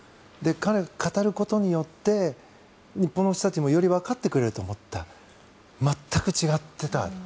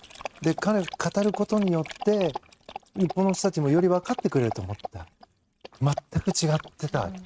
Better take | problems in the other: first | noise reduction (neural mask model RNNoise)

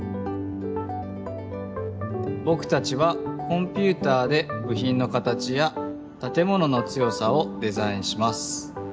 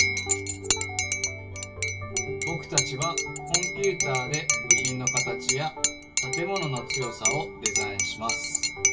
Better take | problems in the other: first | background sound (Cutlery, silverware / Dishes, pots, and pans / Chink, clink); 4 dB above the speech // room echo; dies away in 0.1 s

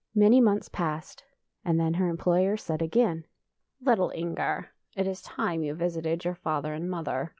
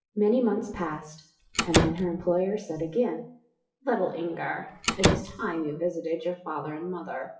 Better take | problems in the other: first | noise reduction (classical method WPE with log-MMSE)

